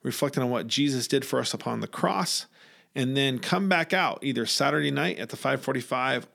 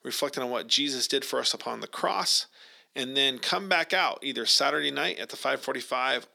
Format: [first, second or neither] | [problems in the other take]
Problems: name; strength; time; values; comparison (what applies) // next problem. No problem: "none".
first | thin; somewhat; fading below 400 Hz